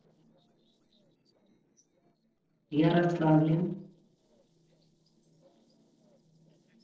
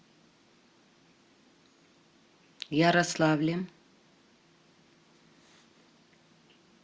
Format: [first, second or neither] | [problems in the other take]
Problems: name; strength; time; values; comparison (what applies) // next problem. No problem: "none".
second | noise reduction (neural separator model SepFormer DNS4)